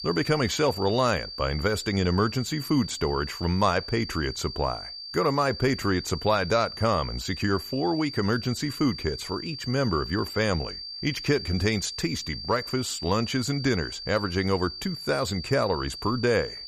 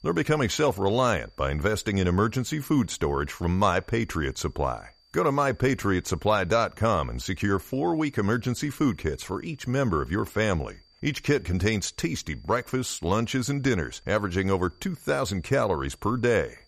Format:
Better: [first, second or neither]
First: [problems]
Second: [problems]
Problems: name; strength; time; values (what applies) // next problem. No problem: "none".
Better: second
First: high-pitched whine; loud; throughout; 4.5 kHz, 9 dB below the speech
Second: high-pitched whine; faint; throughout; 4.5 kHz, 35 dB below the speech